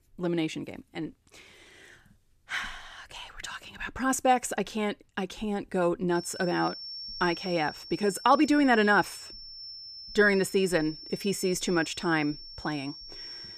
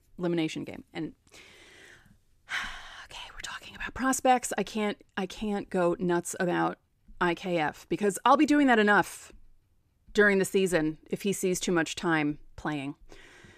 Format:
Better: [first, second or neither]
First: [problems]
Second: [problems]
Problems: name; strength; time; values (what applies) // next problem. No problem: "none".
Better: second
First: high-pitched whine; noticeable; from 6 s on; 5.5 kHz, 15 dB below the speech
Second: none